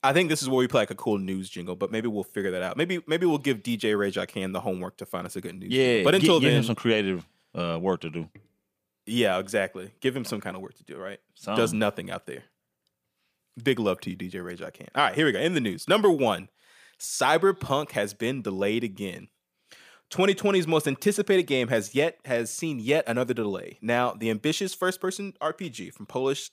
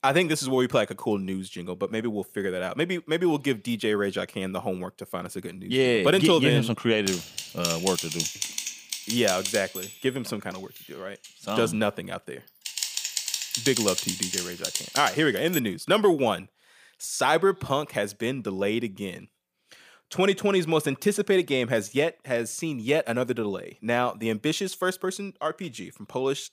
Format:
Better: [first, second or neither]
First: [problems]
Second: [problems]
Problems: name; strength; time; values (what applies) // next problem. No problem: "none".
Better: first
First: none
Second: keyboard typing; loud; from 7 to 16 s; peak level with the speech